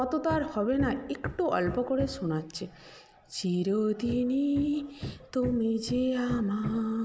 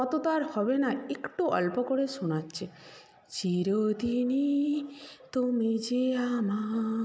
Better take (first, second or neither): second